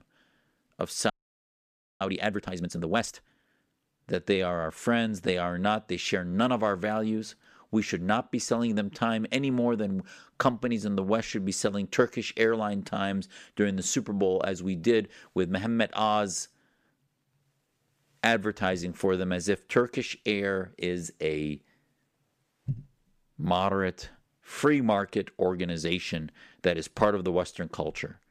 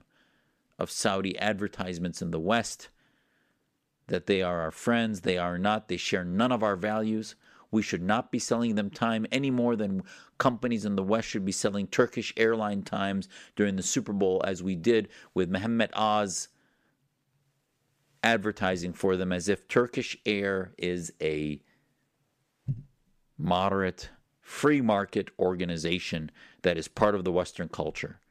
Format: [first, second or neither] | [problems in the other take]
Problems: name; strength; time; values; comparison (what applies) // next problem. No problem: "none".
second | audio freezing; at 1 s for 1 s